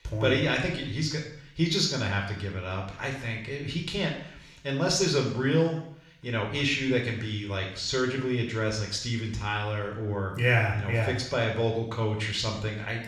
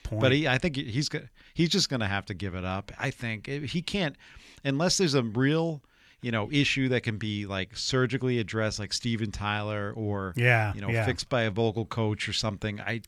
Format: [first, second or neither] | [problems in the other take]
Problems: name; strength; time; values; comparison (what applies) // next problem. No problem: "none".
second | room echo; noticeable; dies away in 0.7 s // off-mic speech; somewhat distant